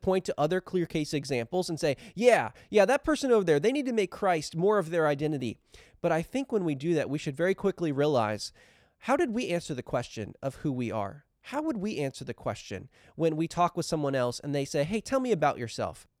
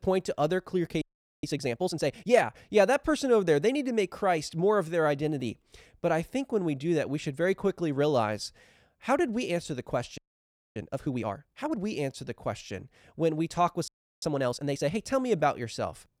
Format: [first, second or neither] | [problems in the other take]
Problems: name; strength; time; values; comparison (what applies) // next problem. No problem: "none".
first | audio freezing; at 1 s, at 10 s for 0.5 s and at 14 s